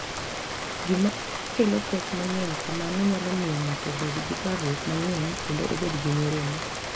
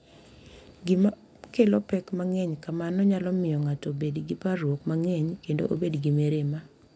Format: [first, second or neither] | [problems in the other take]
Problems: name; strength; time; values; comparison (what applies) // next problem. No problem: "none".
second | background sound (Rain); 4 dB below the speech